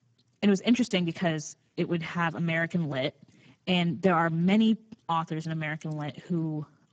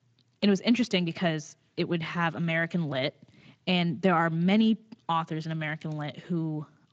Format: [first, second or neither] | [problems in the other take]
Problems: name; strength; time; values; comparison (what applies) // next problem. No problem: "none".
second | garbled, watery; badly; nothing above 7.5 kHz; slightly in the second